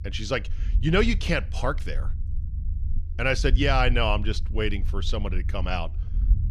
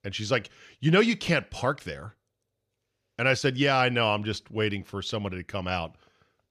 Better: second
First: low rumble; faint; throughout; 20 dB below the speech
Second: none

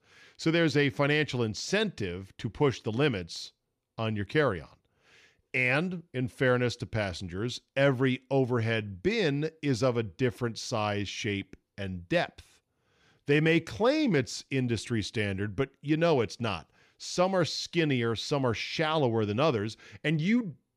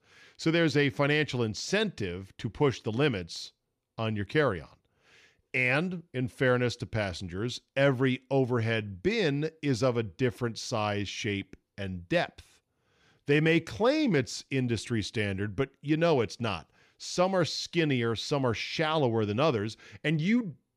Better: neither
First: none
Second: none

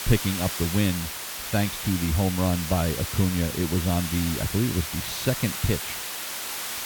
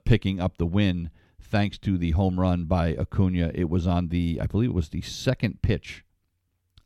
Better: second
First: hiss; loud; throughout; 4 dB below the speech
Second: none

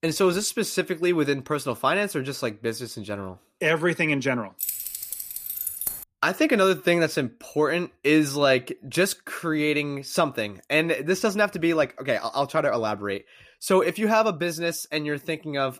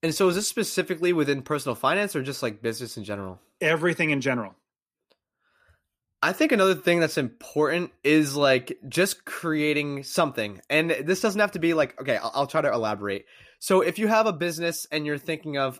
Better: second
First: jangling keys; noticeable; from 4.5 to 6 s; peak 3 dB below the speech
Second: none

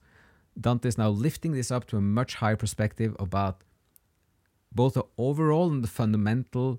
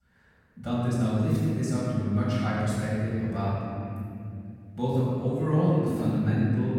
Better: first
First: none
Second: off-mic speech; far // room echo; strong; dies away in 3 s

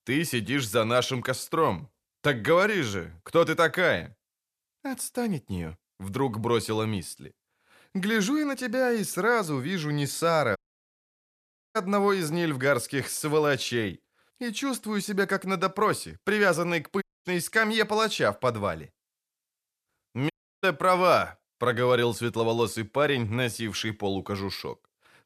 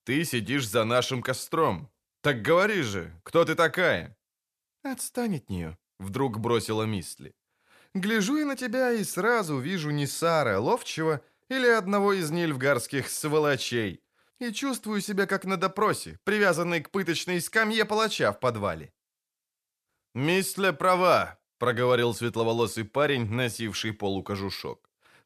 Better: second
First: audio cutting out; at 11 s for 1 s, at 17 s and at 20 s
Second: none

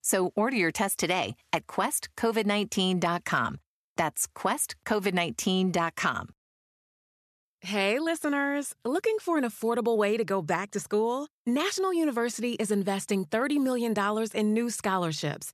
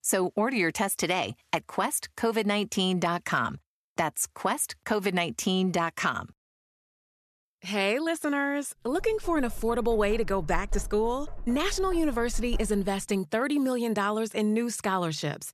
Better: first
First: none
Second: door banging; noticeable; from 9 to 13 s; peak 10 dB below the speech

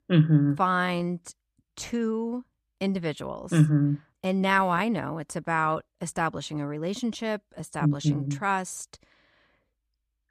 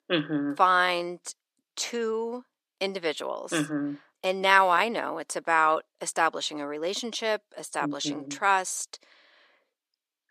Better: first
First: none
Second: thin; somewhat; fading below 350 Hz

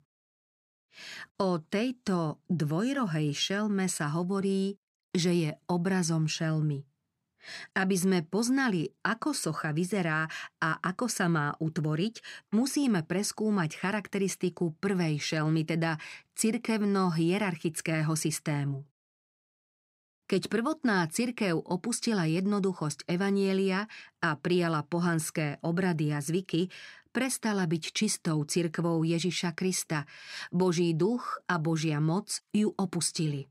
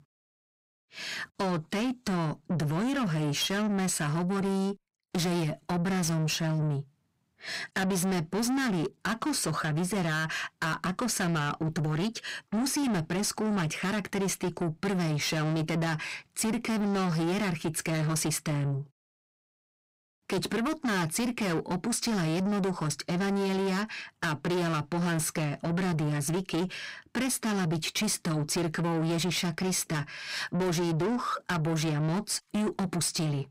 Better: first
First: none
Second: distortion; heavy; 7 dB below the speech

